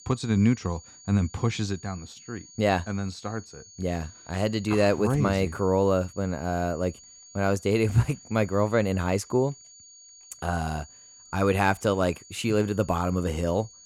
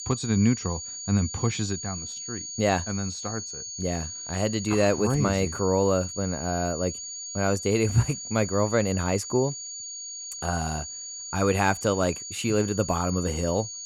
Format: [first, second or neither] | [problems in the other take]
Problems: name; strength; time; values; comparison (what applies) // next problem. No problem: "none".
first | high-pitched whine; loud; throughout; 7 kHz, 8 dB below the speech; faint in the first